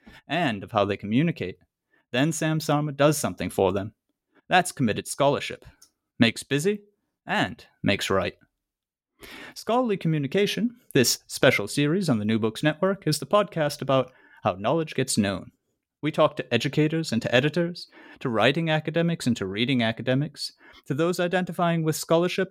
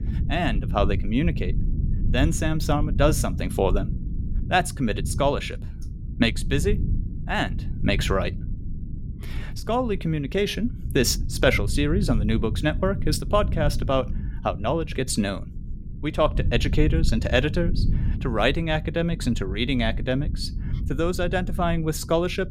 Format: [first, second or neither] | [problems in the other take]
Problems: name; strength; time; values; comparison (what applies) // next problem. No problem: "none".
first | low rumble; noticeable; throughout; 15 dB below the speech